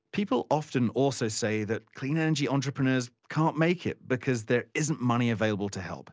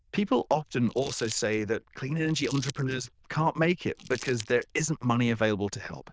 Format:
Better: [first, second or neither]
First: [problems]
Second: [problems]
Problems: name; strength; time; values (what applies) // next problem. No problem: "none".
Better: first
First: none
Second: noise reduction (neural diffusion model UNIVERSE++)